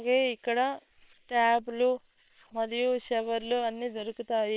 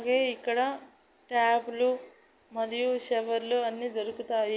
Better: second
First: noise reduction (neural separator model SepFormer WHAM!)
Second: none

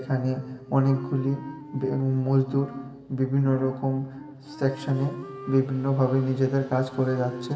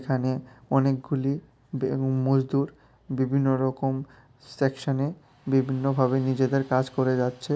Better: second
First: background sound (Wind instrument, woodwind instrument); 17 dB below the speech // room echo; dies away in 2 s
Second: none

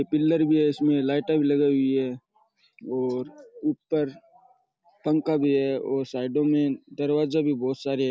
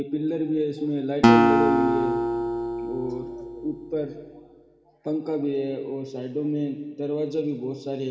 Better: first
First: none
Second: background sound (Acoustic guitar); 5 dB above the speech // room echo; dies away in 2 s

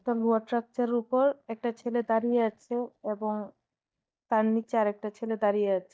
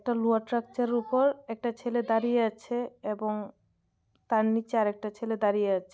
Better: second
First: noise reduction (neural mask model DeepFilterNet 3)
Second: none

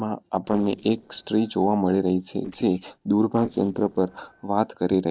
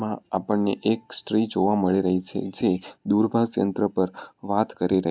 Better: second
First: noise reduction (neural separator model SepFormer DNS4)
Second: none

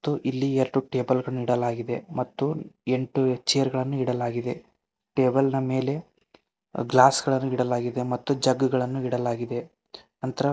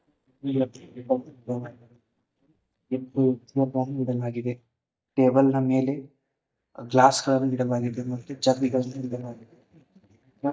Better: first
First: none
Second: noise reduction (neural mask model DeepFilterNet 3)

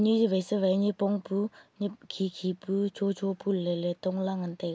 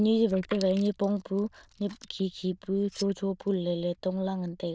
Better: first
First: none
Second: noise reduction (neural diffusion model UNIVERSE++)

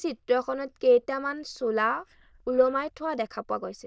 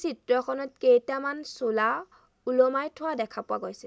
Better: second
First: noise reduction (neural diffusion model UNIVERSE++)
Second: none

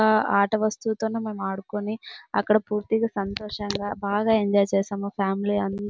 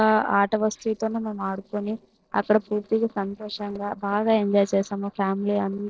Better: first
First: none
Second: noise reduction (neural separator model SepFormer DNS4)

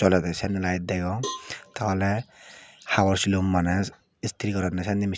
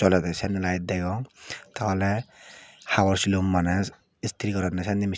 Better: second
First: background sound (Cowbell); 15 dB below the speech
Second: none

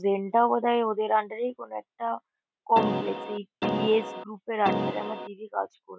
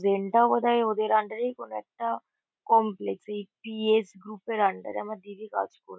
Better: second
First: background sound (Keyboard (musical)); 2 dB below the speech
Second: none

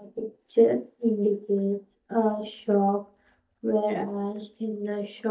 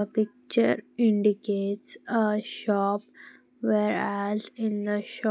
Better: second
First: noise reduction (neural mask model DeepFilterNet 3)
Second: none

